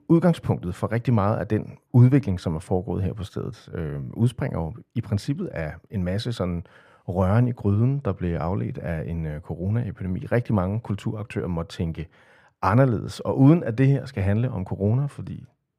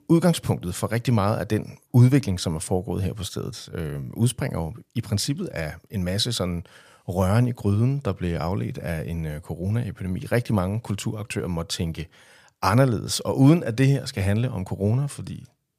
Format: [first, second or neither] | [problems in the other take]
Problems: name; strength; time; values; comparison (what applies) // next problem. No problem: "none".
second | muffled; slightly; fading above 3 kHz